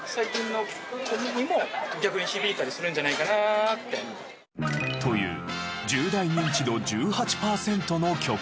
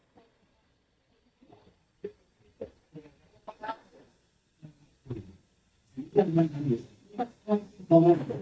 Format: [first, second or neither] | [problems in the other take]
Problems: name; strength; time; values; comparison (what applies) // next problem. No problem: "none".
first | noise reduction (neural mask model DeepFilterNet 3)